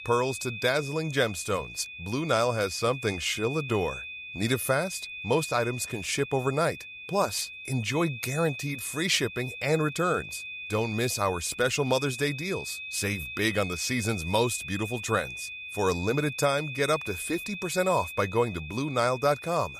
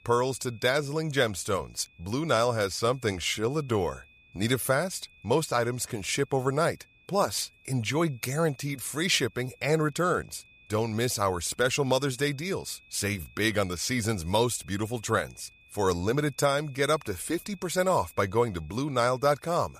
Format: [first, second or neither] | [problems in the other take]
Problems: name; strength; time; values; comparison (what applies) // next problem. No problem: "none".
second | high-pitched whine; loud; throughout; 2.5 kHz, 9 dB below the speech; faint in the second